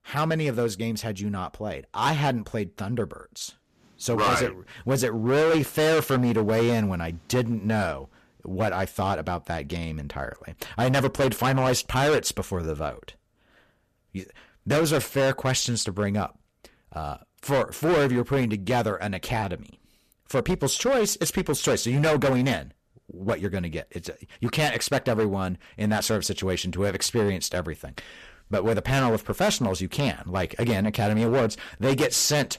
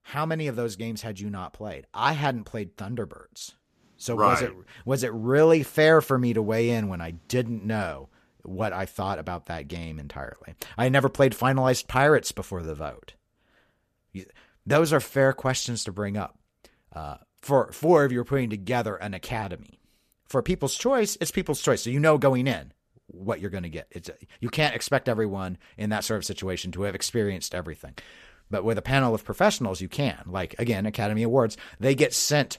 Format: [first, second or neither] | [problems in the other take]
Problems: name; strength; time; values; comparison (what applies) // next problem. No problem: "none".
second | distortion; heavy; 10% of the sound clipped